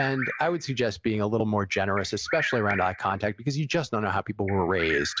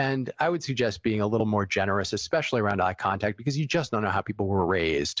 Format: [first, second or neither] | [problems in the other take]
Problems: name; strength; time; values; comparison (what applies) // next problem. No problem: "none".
second | background sound (Bird vocalization, bird call, bird song); 10 dB below the speech